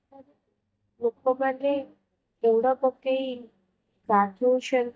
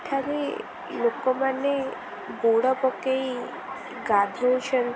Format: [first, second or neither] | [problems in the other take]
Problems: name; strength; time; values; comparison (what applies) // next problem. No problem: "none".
second | noise reduction (neural mask model DeepFilterNet 3)